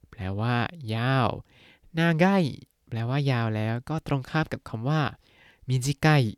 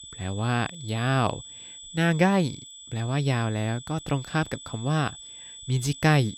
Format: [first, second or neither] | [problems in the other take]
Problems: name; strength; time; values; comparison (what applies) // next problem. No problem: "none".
first | high-pitched whine; noticeable; throughout; 8 kHz, 15 dB below the speech